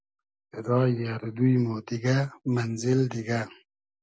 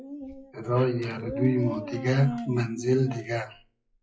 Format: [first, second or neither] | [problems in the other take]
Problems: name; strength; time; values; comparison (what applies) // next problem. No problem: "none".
first | noise reduction (classical method WPE with log-MMSE)